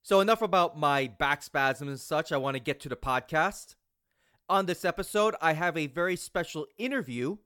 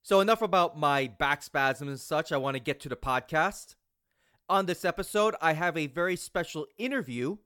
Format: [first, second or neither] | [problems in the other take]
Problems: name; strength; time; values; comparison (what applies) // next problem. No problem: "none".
neither | none